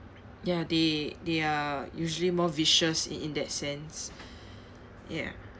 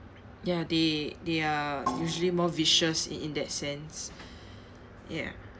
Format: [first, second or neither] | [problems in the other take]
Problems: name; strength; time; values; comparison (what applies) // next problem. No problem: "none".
first | background sound (Percussion); 11 dB below the speech